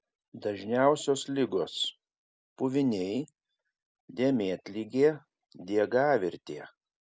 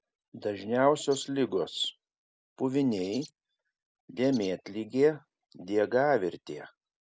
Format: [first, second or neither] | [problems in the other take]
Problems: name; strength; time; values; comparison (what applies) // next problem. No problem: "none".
first | background sound (Bird); 19 dB below the speech